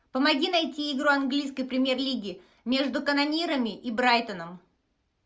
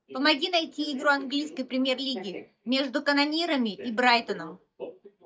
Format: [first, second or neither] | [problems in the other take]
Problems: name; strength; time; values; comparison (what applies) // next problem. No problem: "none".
first | noise reduction (neural mask model DeepFilterNet 3)